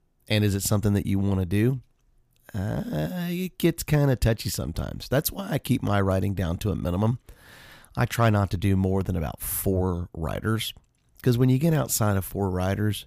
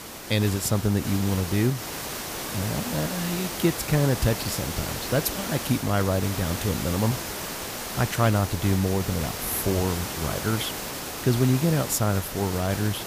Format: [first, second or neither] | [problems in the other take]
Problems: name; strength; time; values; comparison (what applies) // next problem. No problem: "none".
first | hiss; loud; throughout; 6 dB below the speech